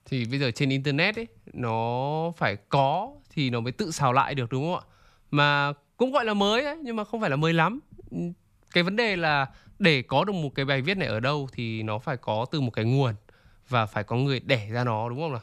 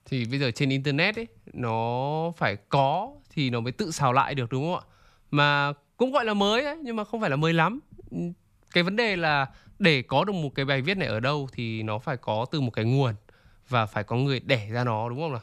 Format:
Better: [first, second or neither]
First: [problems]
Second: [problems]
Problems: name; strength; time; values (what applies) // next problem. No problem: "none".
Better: neither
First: none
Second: none